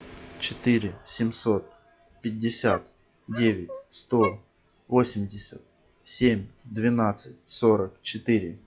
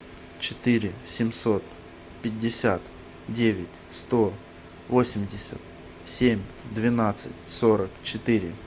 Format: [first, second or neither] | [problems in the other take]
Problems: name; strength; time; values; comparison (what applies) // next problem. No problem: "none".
second | noise reduction (classical method log-MMSE)